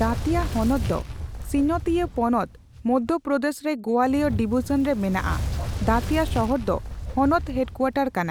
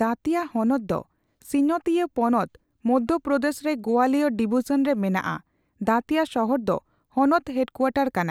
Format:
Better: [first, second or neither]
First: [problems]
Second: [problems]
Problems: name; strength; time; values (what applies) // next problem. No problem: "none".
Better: second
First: background sound (Fire); 6 dB below the speech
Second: none